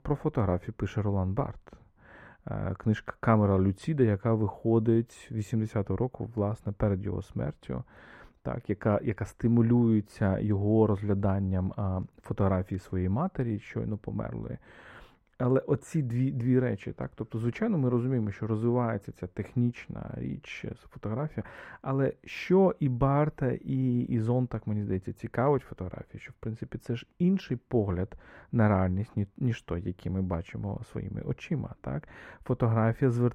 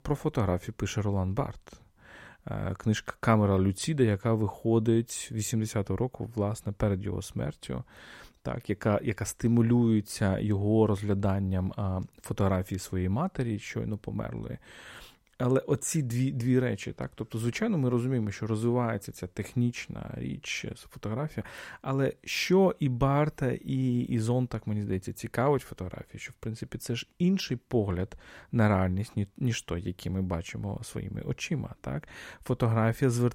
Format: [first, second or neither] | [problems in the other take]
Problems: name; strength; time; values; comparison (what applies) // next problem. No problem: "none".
second | muffled; very; fading above 3 kHz